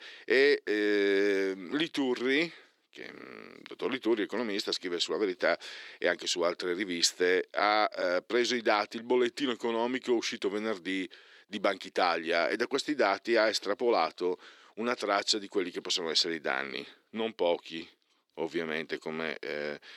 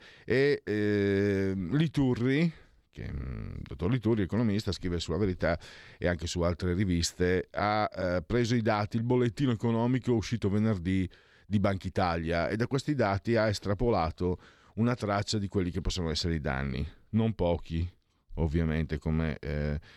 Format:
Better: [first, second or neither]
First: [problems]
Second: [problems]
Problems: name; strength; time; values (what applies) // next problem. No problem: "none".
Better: second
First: thin; somewhat; fading below 300 Hz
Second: none